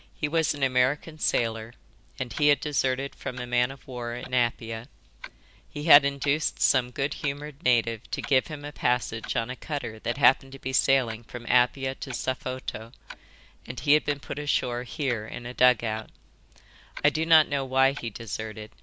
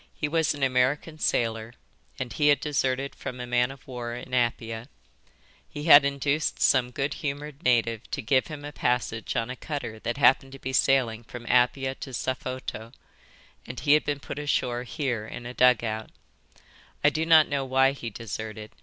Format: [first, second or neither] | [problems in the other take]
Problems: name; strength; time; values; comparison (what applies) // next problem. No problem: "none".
second | background sound (Clock); 20 dB below the speech